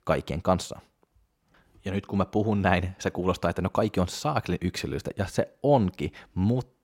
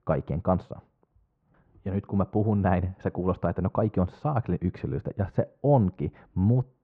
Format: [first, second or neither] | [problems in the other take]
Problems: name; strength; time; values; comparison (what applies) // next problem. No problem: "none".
first | muffled; very; fading above 1 kHz